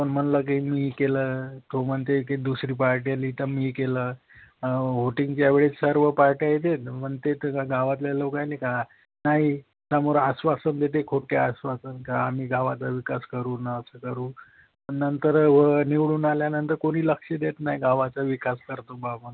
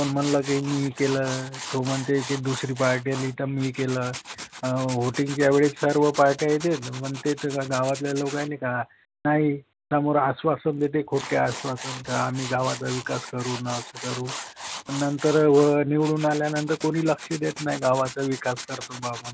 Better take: first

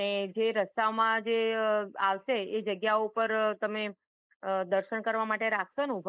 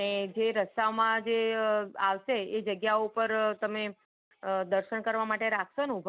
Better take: second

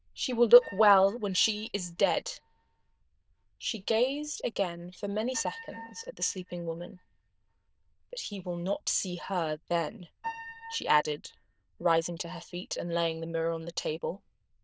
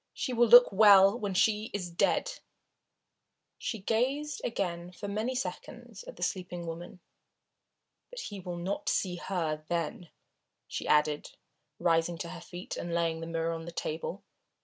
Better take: second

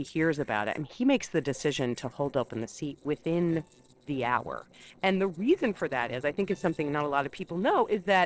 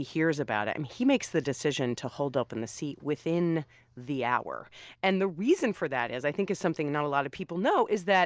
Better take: second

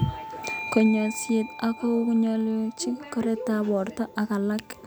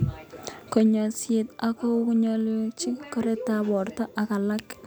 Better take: second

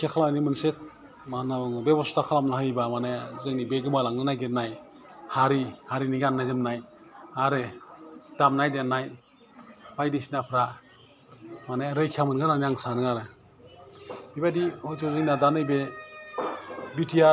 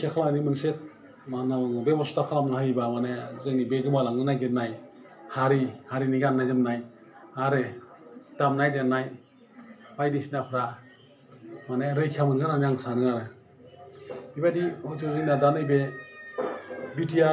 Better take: first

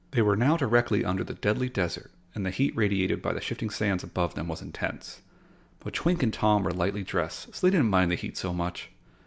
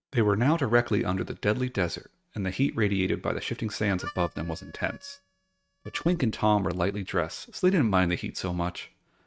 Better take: first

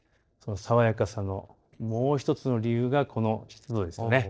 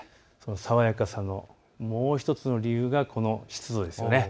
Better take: second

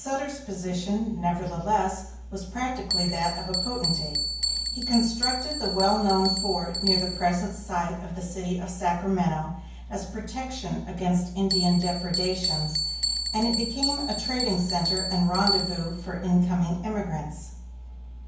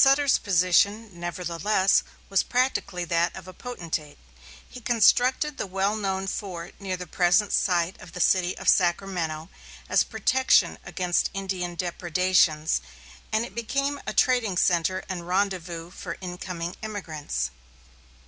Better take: second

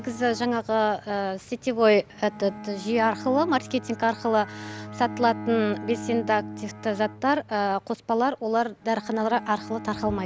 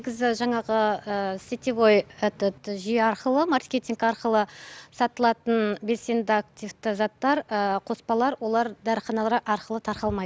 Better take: second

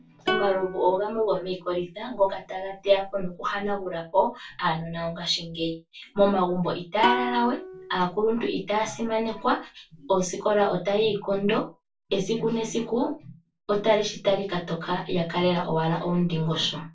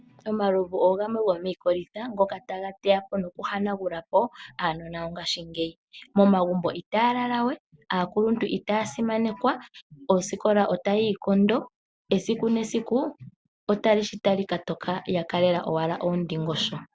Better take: second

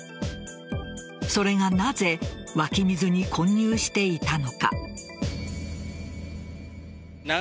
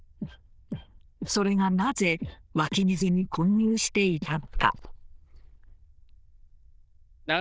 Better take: first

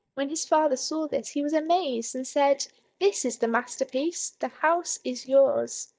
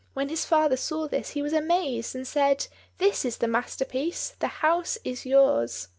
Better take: second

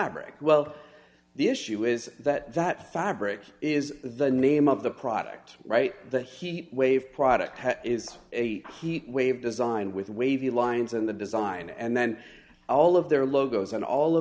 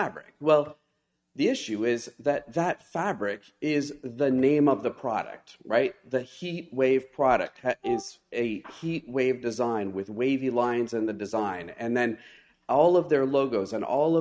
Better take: first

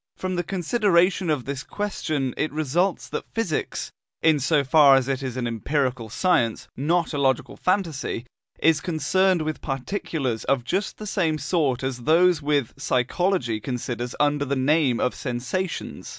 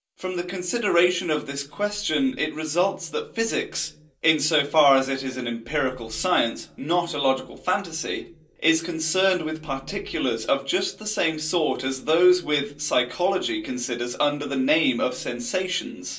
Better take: first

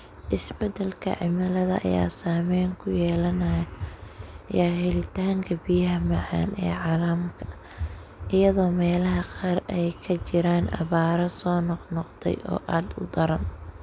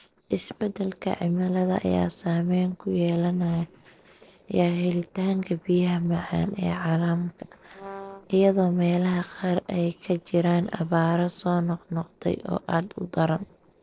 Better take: first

